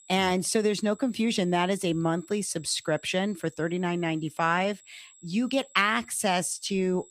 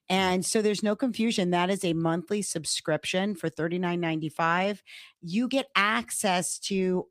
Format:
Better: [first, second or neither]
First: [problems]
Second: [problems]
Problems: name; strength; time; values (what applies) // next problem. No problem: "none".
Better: second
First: high-pitched whine; faint; throughout; 7.5 kHz, 25 dB below the speech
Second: none